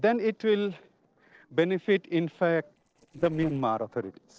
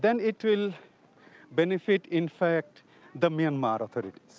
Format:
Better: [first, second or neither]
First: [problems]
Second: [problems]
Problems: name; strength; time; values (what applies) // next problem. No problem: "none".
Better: second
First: noise reduction (neural separator model SepFormer DNS4)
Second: none